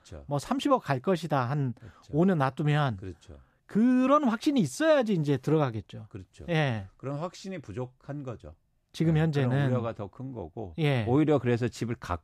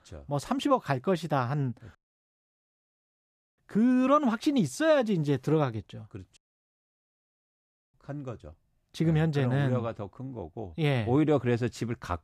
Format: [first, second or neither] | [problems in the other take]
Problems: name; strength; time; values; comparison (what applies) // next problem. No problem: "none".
first | audio cutting out; at 2 s for 1.5 s and at 6.5 s for 1.5 s